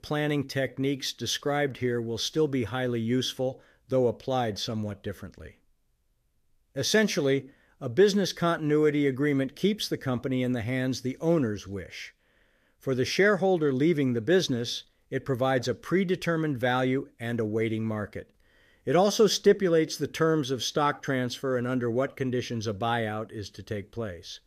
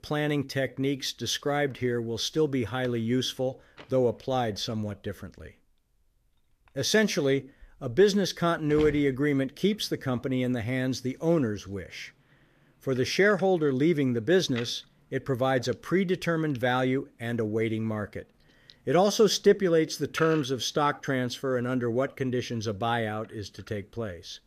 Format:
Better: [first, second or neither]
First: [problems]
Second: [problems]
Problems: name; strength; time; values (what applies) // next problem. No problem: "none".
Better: first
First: none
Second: household noises; noticeable; throughout; 20 dB below the speech